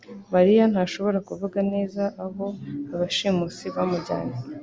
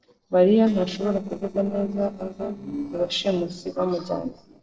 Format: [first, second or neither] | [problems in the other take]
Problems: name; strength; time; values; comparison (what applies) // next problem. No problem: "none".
first | noise reduction (neural separator model SepFormer DNS4)